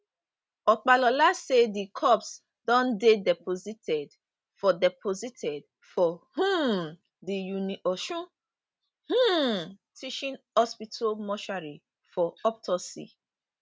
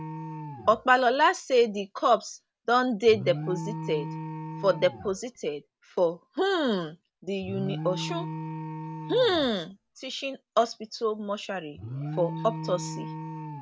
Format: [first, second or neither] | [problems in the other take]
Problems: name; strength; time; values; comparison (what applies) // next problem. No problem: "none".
first | background sound (Alarm); 10 dB below the speech